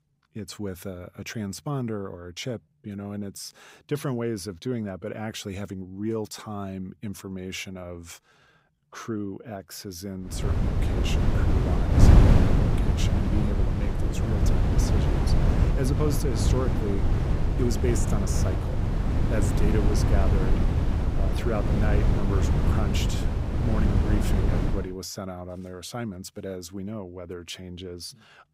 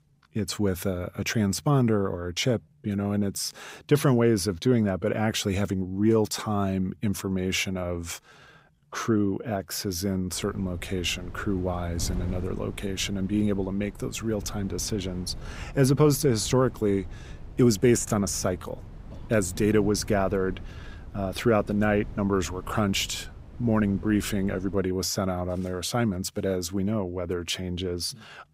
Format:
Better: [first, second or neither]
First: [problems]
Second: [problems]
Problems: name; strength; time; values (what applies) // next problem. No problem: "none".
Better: second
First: wind noise on the microphone; heavy; from 10 to 25 s; 2 dB above the speech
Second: wind noise on the microphone; occasional gusts; from 10 to 25 s; 20 dB below the speech